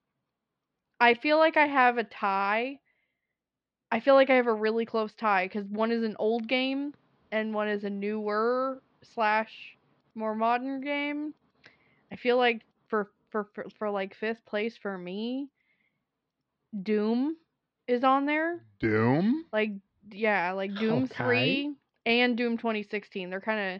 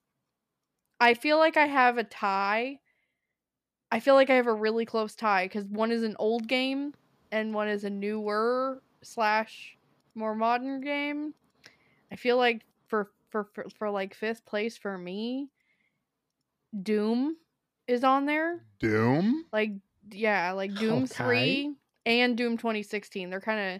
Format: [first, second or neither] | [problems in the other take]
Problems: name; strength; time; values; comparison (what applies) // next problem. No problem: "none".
second | muffled; very slightly; fading above 4 kHz